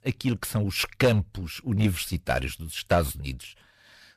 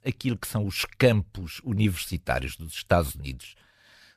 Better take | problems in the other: second | distortion; slight; 2% of the sound clipped

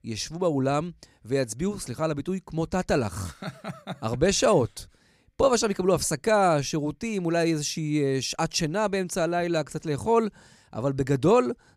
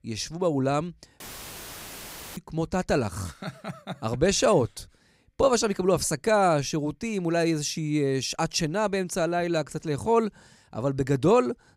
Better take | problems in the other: first | audio cutting out; filled with static; at 1 s for 1 s

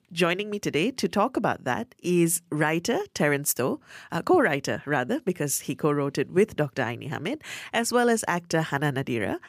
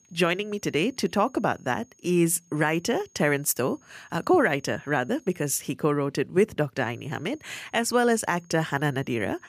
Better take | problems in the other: first | high-pitched whine; faint; until 5.5 s and from 7 s on; 6.5 kHz, 35 dB below the speech

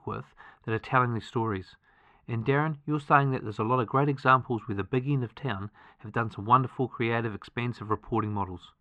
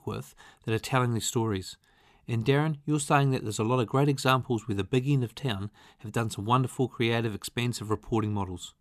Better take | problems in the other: second | muffled; very; fading above 2 kHz

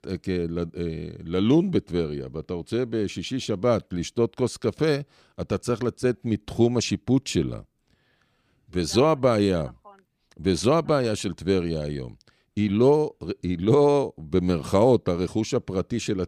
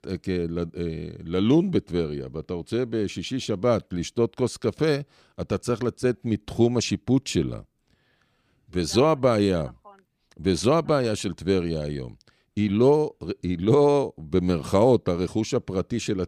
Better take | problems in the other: neither | none

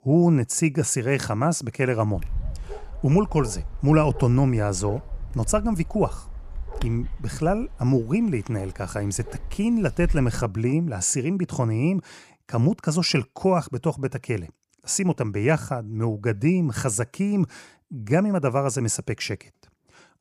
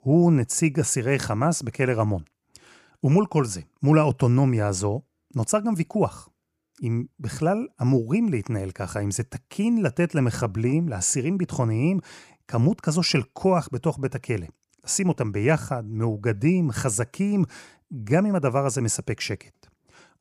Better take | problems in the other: second | dog barking; noticeable; from 2 to 10 s; peak 8 dB below the speech

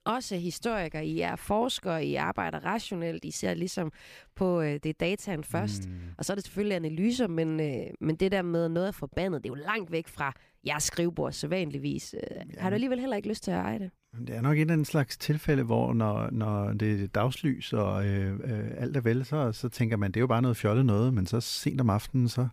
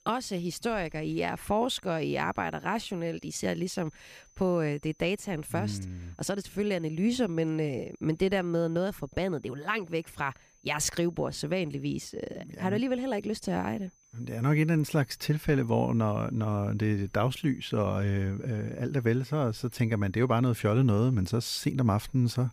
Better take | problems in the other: first | high-pitched whine; faint; throughout; 6 kHz, 30 dB below the speech

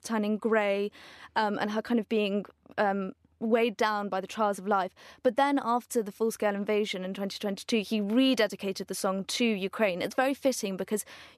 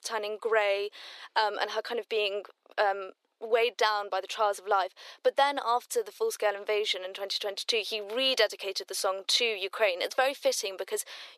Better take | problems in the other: first | thin; very; fading below 400 Hz

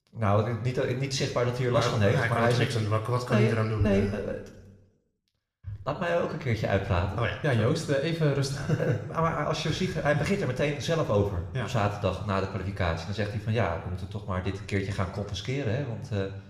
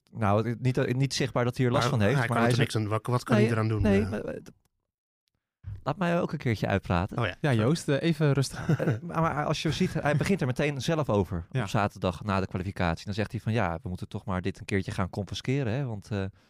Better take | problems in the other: second | room echo; slight; dies away in 0.9 s

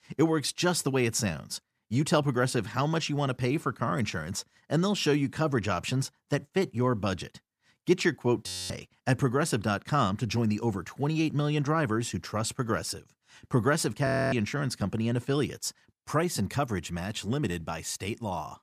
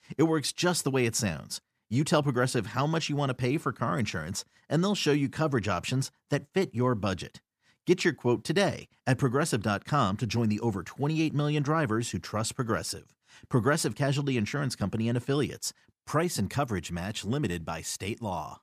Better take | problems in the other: second | audio freezing; at 8.5 s and at 14 s

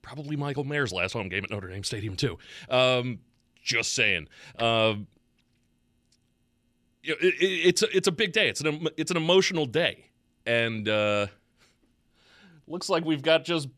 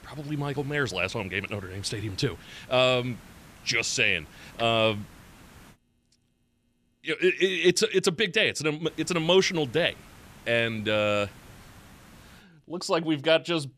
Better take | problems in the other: first | hiss; faint; until 5.5 s and from 9 to 12 s; 25 dB below the speech

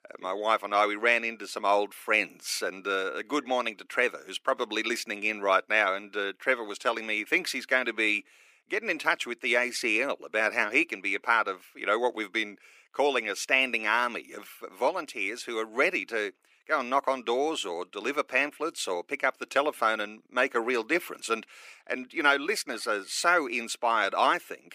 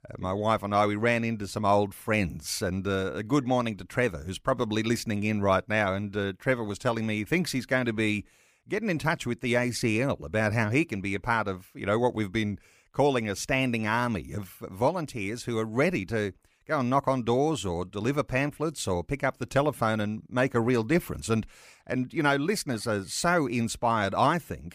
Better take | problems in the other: second | thin; somewhat; fading below 300 Hz

